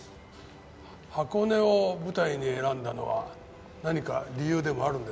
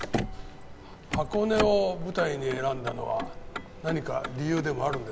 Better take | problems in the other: first | background sound (Motor vehicle (road)); 7 dB below the speech

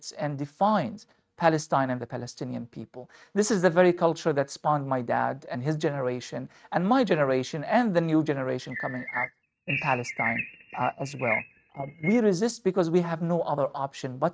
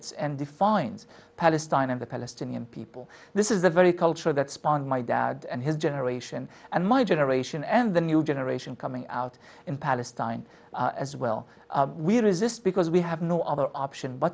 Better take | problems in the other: second | noise reduction (neural mask model RNNoise)

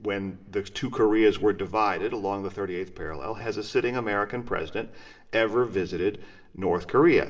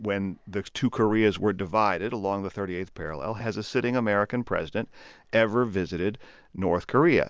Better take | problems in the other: second | room echo; dies away in 0.8 s

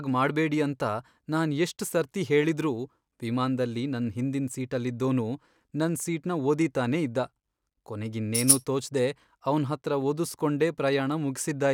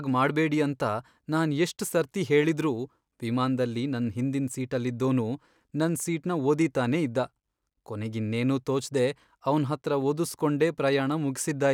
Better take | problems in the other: second | background sound (Tambourine); 4 dB above the speech

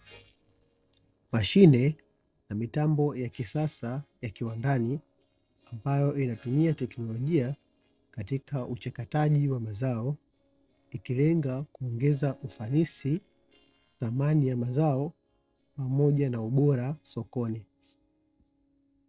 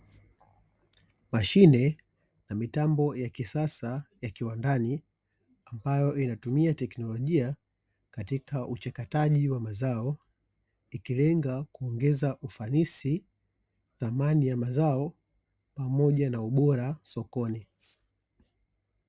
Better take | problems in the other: second | noise reduction (neural separator model SepFormer DNS4)

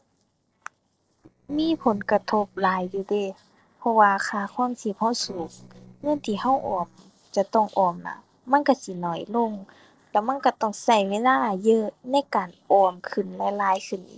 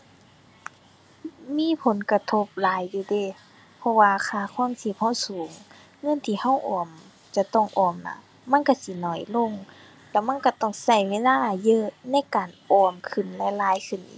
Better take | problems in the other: second | noise reduction (neural separator model SepFormer DNS4)

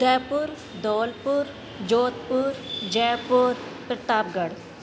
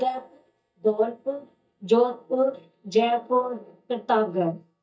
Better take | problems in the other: first | noise reduction (neural mask model DeepFilterNet 3)

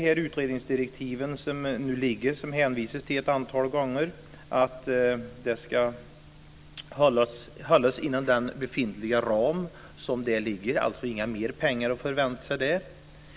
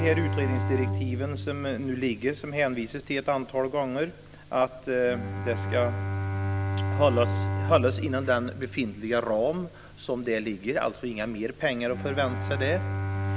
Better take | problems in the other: first | background sound (Bowed string instrument); 3 dB below the speech

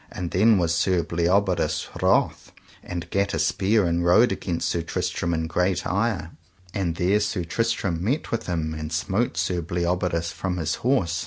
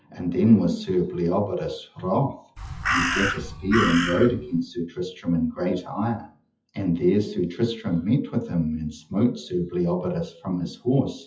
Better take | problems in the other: first | noise reduction (classical method WPE with log-MMSE)

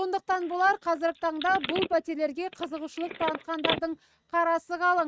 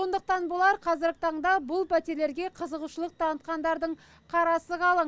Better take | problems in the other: second | noise reduction (neural mask model RNNoise)

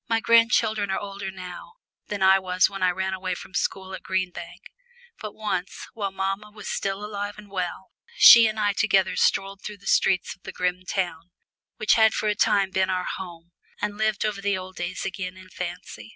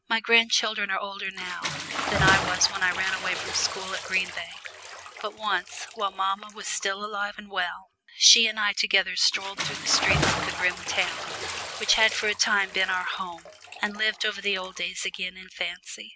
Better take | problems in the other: first | background sound (Bathtub (filling or washing) / Splash, splatter); 7 dB below the speech

